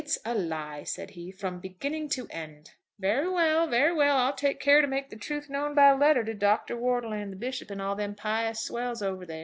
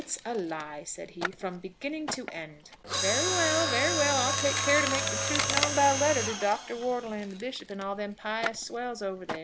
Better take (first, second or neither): first